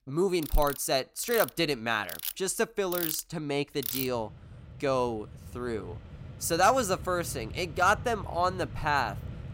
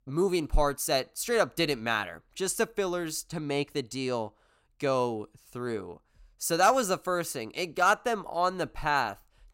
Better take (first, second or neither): second